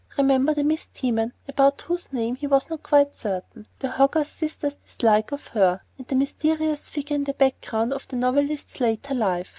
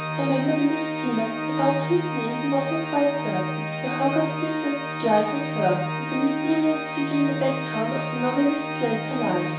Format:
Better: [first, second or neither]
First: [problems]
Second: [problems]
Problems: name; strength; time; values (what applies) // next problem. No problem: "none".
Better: first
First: none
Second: background sound (Organ); 3 dB below the speech // room echo; dies away in 0.6 s